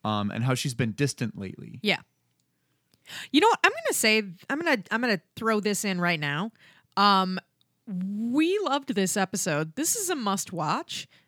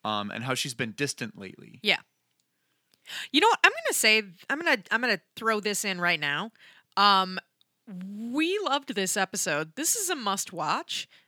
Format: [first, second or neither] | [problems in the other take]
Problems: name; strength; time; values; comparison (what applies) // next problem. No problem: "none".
first | thin; very slightly; fading below 850 Hz